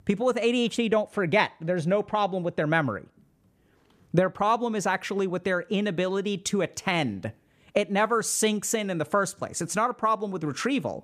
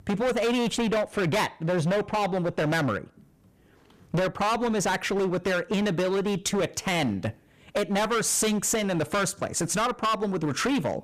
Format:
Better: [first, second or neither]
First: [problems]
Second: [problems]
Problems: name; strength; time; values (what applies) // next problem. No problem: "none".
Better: first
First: none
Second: distortion; heavy; 23% of the sound clipped